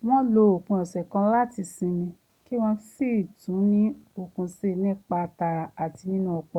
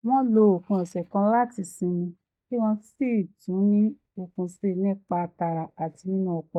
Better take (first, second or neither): first